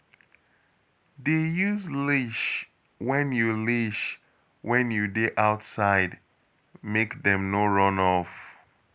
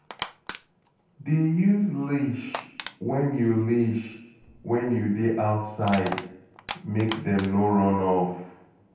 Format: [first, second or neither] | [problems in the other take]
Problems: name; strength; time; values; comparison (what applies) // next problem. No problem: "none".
first | background sound (Crushing); 16 dB below the speech // room echo; dies away in 0.9 s